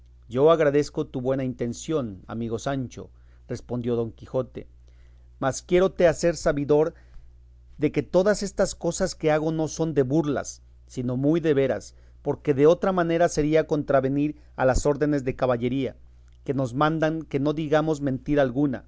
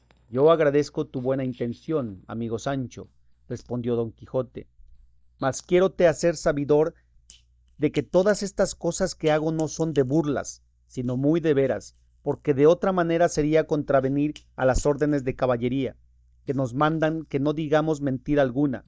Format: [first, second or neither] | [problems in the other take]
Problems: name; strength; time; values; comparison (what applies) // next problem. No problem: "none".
first | noise reduction (neural mask model DeepFilterNet 3)